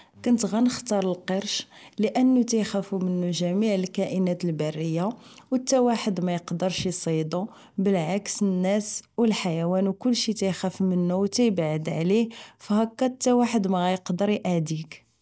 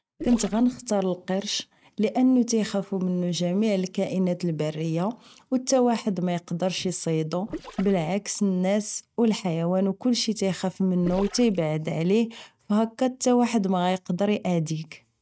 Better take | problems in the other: first | noise reduction (neural mask model RNNoise)

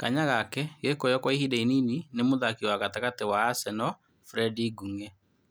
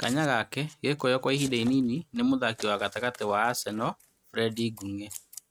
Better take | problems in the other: first | noise reduction (neural mask model RNNoise)

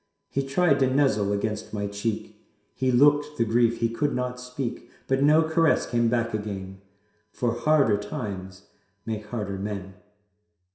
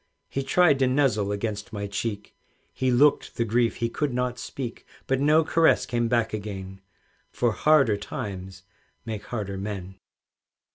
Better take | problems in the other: second | room echo; dies away in 0.7 s

